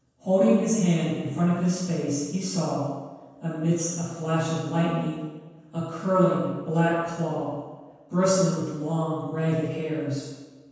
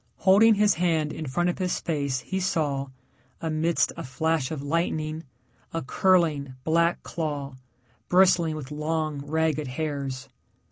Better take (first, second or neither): second